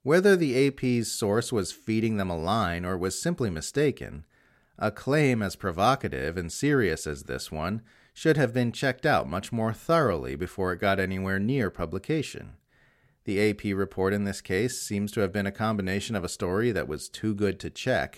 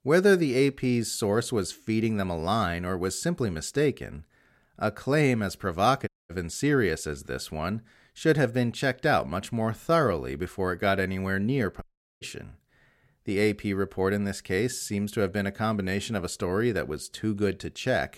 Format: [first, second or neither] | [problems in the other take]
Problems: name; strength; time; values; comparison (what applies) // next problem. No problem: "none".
first | audio cutting out; at 6 s and at 12 s